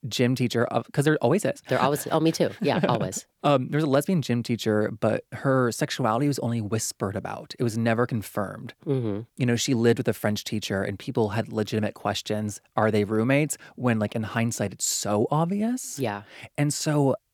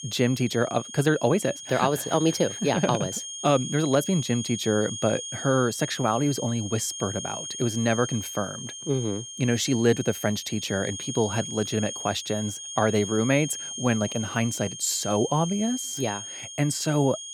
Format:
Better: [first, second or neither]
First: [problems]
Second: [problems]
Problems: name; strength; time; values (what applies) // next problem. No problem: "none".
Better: first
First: none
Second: high-pitched whine; loud; throughout; 6.5 kHz, 8 dB below the speech